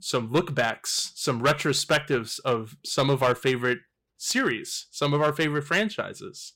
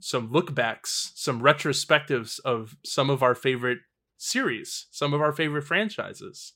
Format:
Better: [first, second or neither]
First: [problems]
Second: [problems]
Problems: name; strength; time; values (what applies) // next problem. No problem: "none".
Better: second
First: distortion; slight; 4% of the sound clipped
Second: none